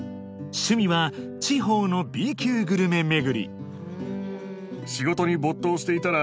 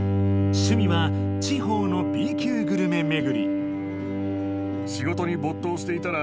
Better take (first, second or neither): first